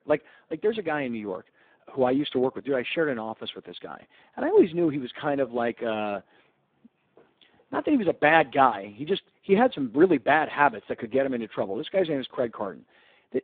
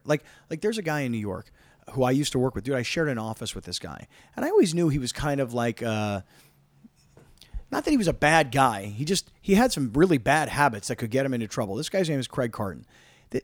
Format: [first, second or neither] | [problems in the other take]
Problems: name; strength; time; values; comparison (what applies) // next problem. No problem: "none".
second | phone-call audio; poor line; nothing above 3.5 kHz